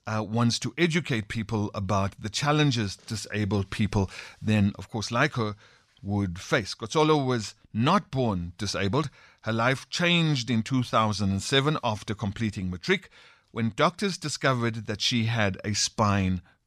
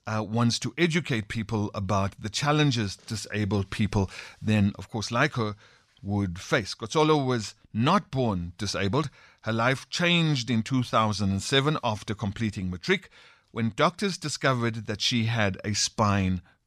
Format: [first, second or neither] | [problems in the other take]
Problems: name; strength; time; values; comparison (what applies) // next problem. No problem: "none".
neither | none